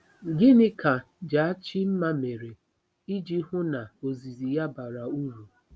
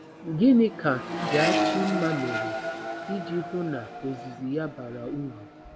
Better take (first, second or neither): first